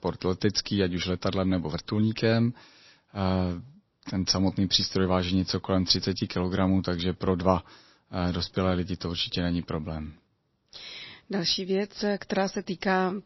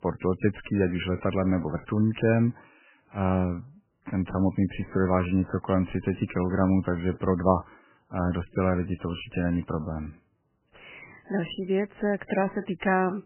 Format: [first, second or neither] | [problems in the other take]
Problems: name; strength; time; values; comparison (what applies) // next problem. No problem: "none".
first | garbled, watery; badly; nothing above 3 kHz; slightly in the first